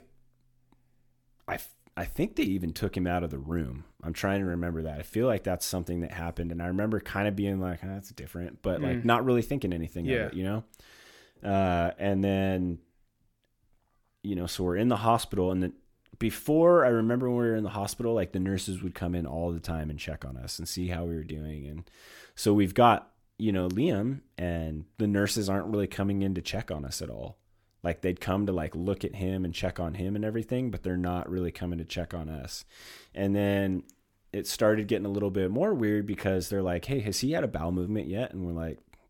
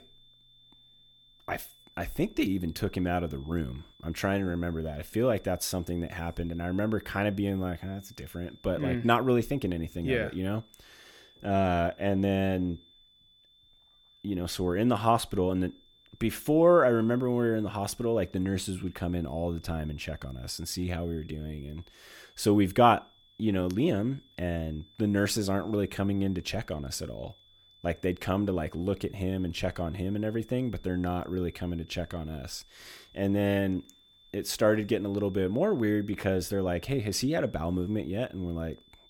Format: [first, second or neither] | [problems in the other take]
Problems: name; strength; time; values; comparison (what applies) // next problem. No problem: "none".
first | high-pitched whine; faint; throughout; 3.5 kHz, 30 dB below the speech